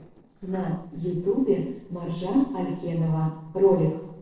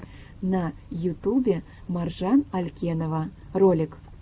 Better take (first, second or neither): second